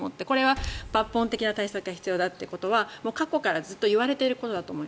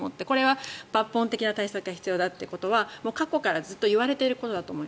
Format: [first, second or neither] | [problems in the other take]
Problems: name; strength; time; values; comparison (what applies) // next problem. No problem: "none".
second | background sound (Liquid); 16 dB below the speech